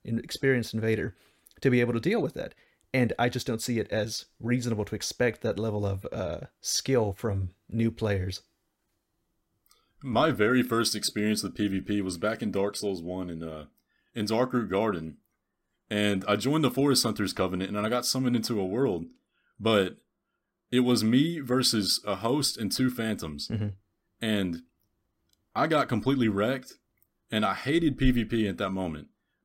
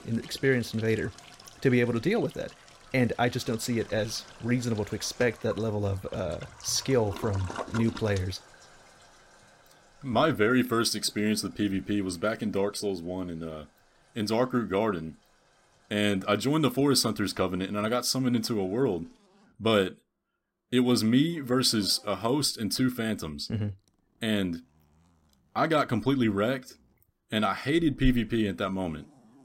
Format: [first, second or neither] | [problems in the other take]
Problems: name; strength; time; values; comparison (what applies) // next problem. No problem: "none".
first | household noises; noticeable; throughout; 20 dB below the speech